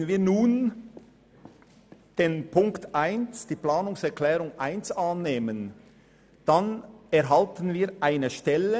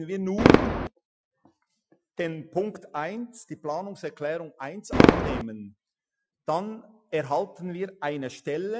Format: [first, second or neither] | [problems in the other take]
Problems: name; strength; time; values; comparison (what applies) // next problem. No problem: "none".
first | noise reduction (classical method Wiener filter)